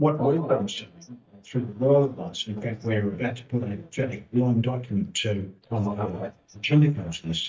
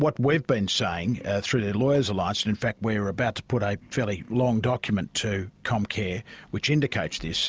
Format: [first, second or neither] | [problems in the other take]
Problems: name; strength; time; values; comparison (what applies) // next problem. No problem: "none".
second | noise reduction (neural mask model DeepFilterNet 3)